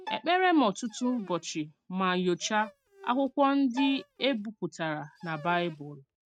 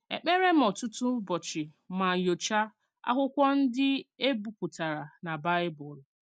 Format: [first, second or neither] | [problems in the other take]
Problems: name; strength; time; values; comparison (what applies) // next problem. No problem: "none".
second | noise reduction (neural mask model RNNoise)